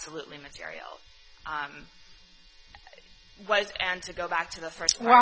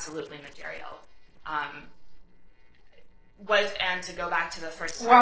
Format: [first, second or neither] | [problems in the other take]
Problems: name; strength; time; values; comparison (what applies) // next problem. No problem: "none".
first | noise reduction (neural separator model SepFormer DNS4)